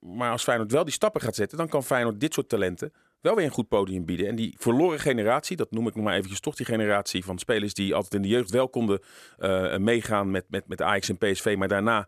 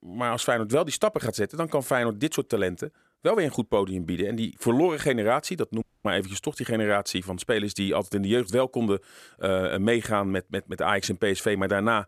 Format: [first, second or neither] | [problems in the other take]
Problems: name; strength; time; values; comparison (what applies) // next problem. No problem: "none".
first | audio cutting out; at 6 s